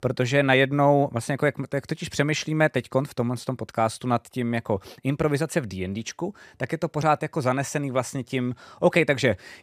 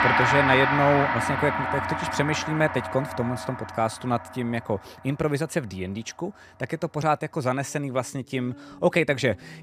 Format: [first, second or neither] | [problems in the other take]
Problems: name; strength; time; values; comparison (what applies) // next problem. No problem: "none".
first | background music; very loud; throughout; as loud as the speech